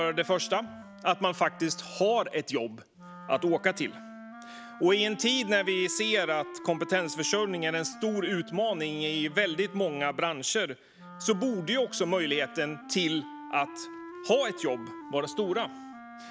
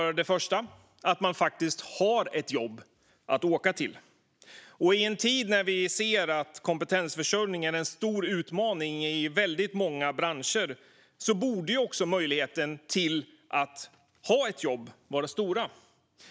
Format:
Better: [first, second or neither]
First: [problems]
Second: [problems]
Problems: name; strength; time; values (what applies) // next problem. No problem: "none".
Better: second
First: background sound (Wind instrument, woodwind instrument); 15 dB below the speech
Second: none